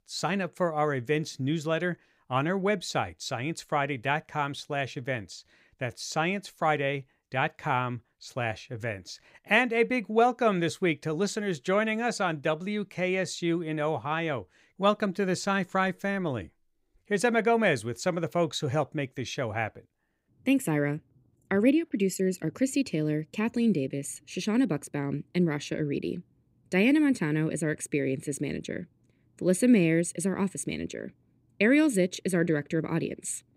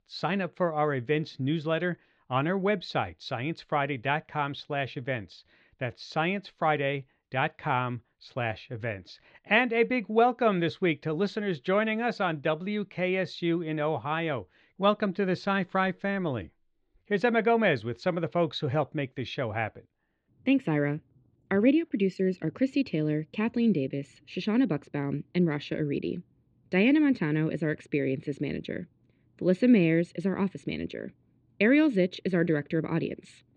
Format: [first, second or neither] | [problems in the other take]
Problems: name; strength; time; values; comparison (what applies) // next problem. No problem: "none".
first | muffled; slightly; fading above 4 kHz